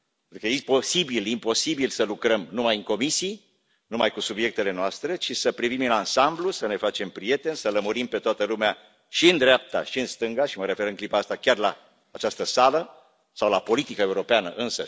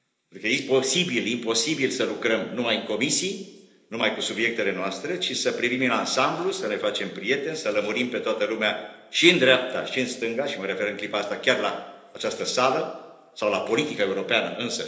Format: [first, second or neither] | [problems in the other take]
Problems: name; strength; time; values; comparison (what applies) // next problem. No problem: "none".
first | room echo; dies away in 1 s